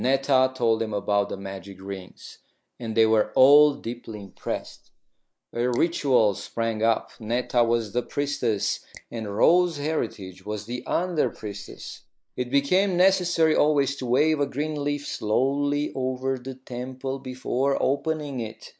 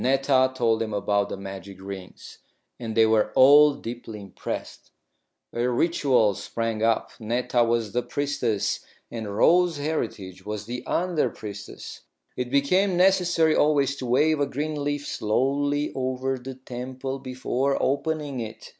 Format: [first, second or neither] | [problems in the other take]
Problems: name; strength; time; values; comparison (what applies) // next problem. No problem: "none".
second | noise reduction (neural mask model Resemble Enhance denoiser)